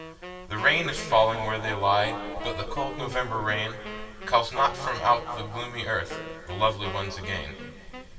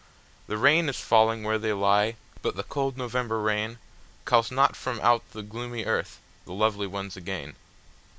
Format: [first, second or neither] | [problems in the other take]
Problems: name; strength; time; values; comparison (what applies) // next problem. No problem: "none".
second | background sound (Wind instrument, woodwind instrument); 14 dB below the speech // room echo; dies away in 2.6 s